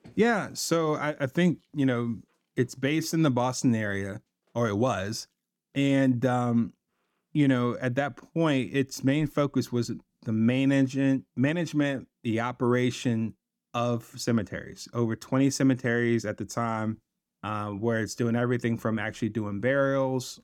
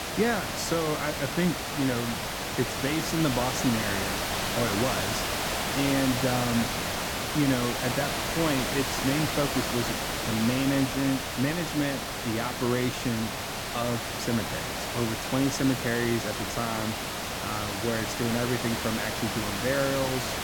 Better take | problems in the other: first | hiss; loud; throughout; as loud as the speech

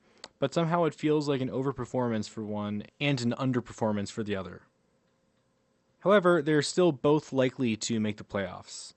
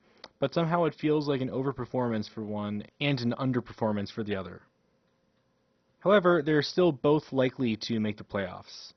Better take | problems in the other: first | garbled, watery; badly; nothing above 6 kHz; slightly in the first

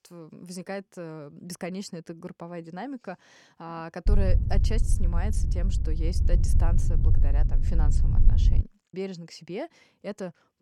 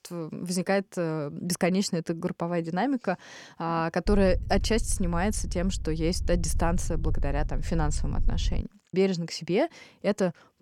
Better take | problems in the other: second | low rumble; loud; from 4 to 8.5 s; 5 dB below the speech; faint in the second

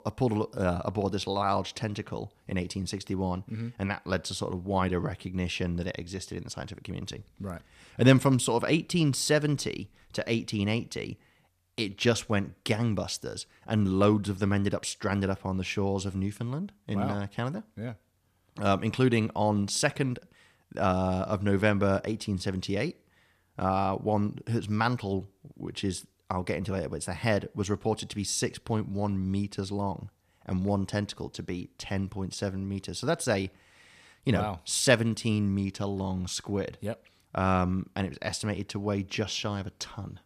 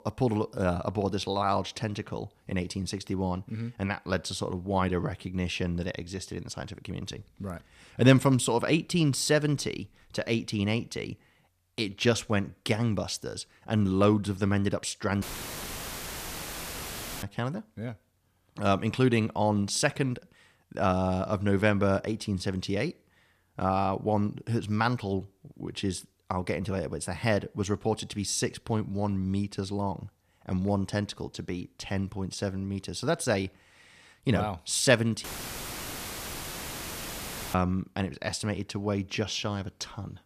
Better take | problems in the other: first | audio cutting out; filled with static; at 15 s for 2 s and at 35 s for 2.5 s

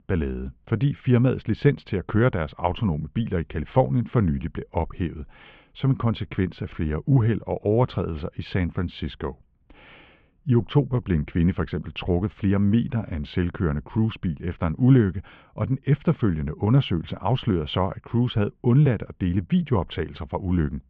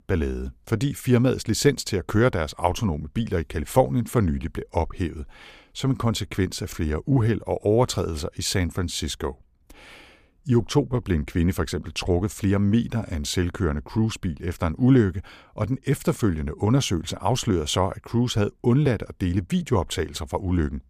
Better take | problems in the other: second | muffled; very; fading above 3 kHz

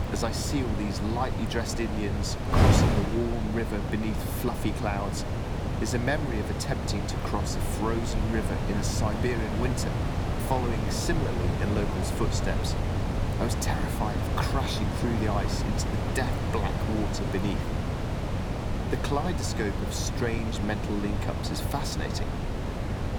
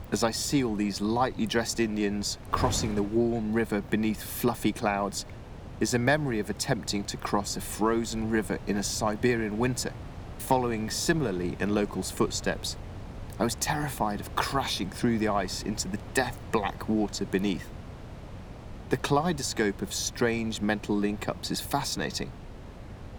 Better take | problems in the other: second | wind noise on the microphone; heavy; 1 dB below the speech; occasional gusts in the second

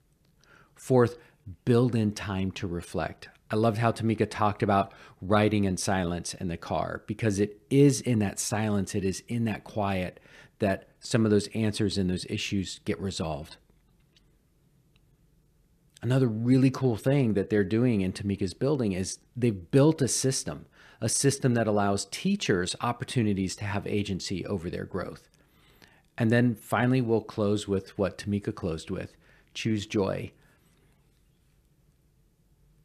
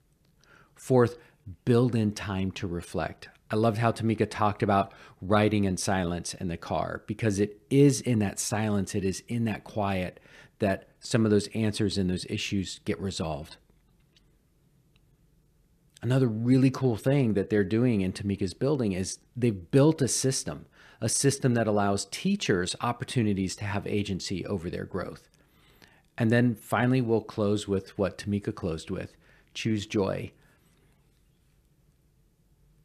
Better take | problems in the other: neither | none

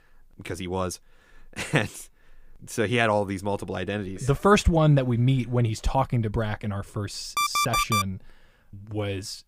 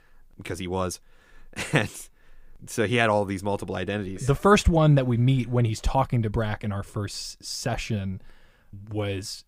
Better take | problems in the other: second | alarm; loud; at 7.5 s; peak 2 dB above the speech

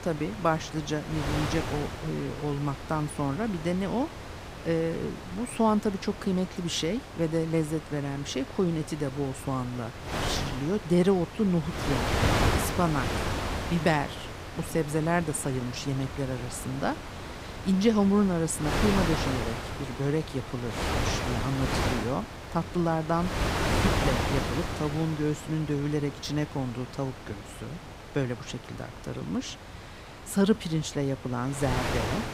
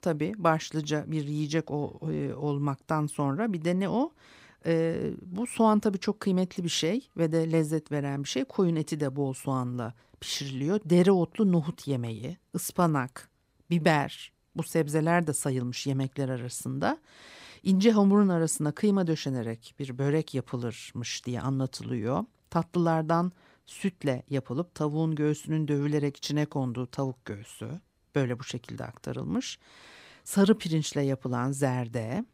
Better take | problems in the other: second | wind noise on the microphone; heavy; 2 dB below the speech

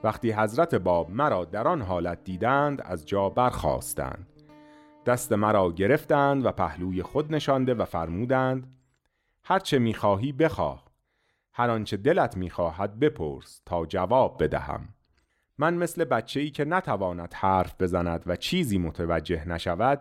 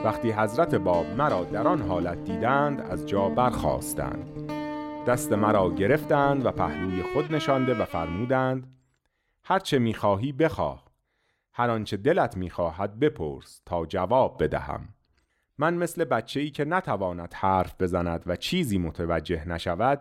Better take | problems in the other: first | background music; loud; until 8 s; 7 dB below the speech; faint in the first

